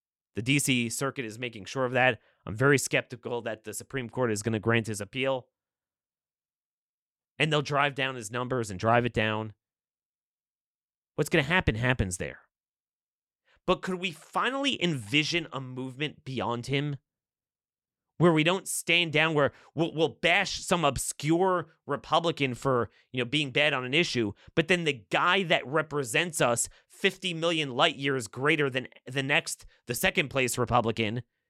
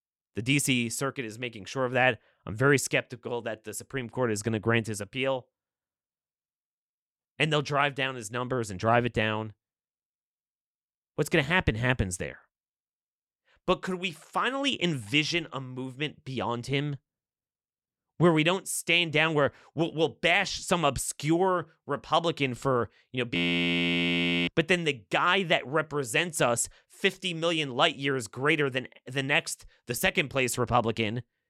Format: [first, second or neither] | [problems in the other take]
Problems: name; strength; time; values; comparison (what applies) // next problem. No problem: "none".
first | audio freezing; at 23 s for 1 s